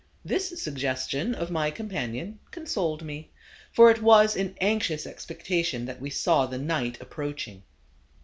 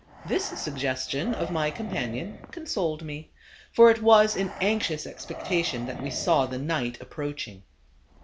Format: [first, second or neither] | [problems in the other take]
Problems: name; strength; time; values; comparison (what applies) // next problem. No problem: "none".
first | background sound (Breathing); 15 dB below the speech